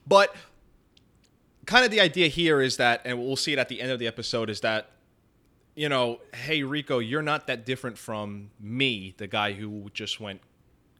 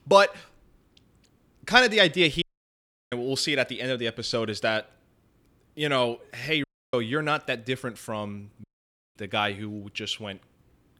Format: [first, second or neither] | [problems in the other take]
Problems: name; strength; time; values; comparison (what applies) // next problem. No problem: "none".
first | audio cutting out; at 2.5 s for 0.5 s, at 6.5 s and at 8.5 s for 0.5 s